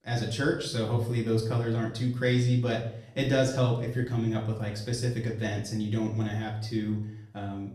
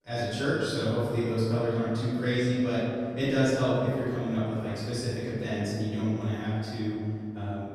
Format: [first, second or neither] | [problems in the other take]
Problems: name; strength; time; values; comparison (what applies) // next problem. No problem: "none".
first | room echo; strong; dies away in 2.5 s; slight in the first // off-mic speech; far; far in the first